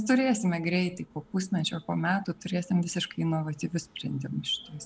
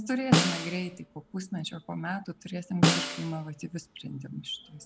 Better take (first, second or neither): first